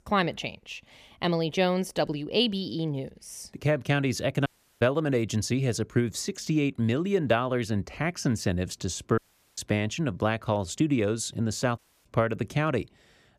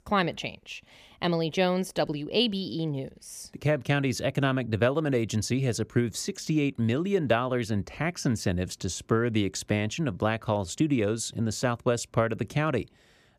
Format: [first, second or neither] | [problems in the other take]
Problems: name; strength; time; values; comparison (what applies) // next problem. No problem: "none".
second | audio cutting out; at 4.5 s, at 9 s and at 12 s